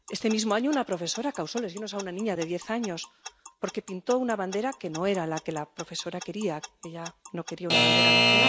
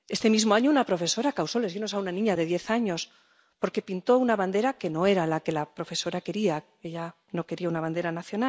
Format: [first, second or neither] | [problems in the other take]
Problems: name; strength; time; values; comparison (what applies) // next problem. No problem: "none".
second | background sound (Alarm / Clock); 1 dB above the speech